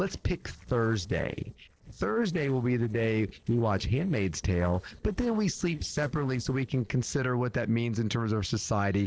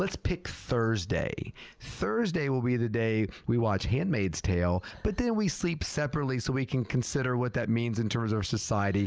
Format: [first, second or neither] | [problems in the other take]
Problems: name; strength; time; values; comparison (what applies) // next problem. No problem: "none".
second | noise reduction (neural separator model SepFormer DNS4)